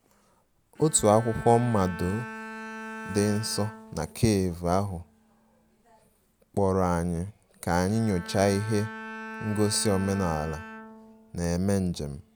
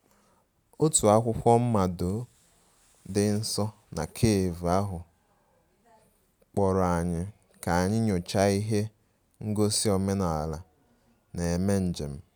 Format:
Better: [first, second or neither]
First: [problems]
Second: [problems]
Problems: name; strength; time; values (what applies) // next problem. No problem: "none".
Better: second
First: background sound (Bowed string instrument); 15 dB below the speech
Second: none